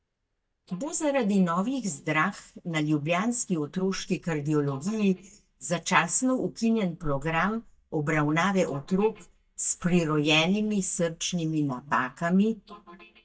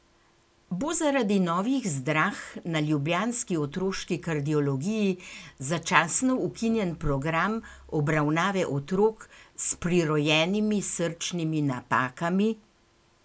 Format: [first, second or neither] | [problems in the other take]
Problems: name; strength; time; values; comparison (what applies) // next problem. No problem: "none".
second | noise reduction (neural mask model DeepFilterNet 3)